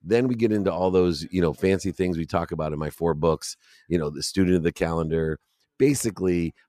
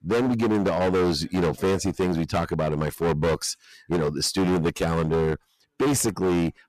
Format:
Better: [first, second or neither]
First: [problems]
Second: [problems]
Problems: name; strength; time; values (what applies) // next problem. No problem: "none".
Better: first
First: none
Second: distortion; heavy; 21% of the sound clipped